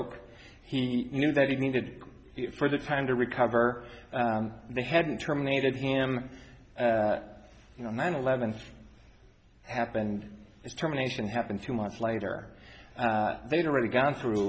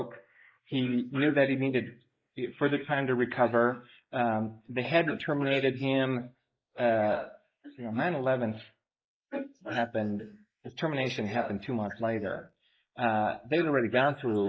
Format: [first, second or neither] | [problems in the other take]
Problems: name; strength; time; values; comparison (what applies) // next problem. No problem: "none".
first | noise reduction (neural mask model Resemble Enhance denoiser)